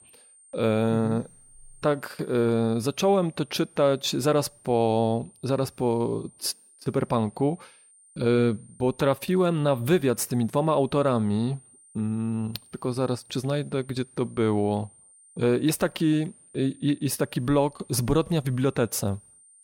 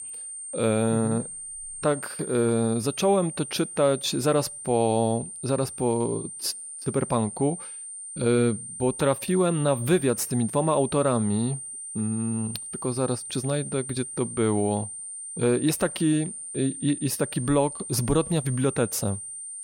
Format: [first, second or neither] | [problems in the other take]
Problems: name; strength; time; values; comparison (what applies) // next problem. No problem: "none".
first | high-pitched whine; loud; throughout; 9 kHz, 9 dB below the speech; faint in the first